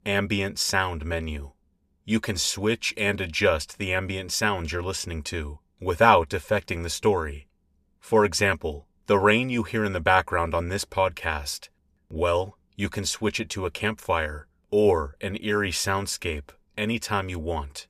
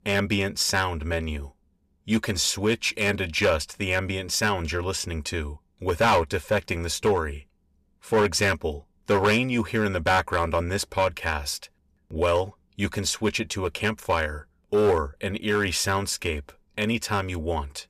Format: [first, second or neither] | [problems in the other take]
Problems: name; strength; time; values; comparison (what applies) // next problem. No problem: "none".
first | distortion; slight; 3% of the sound clipped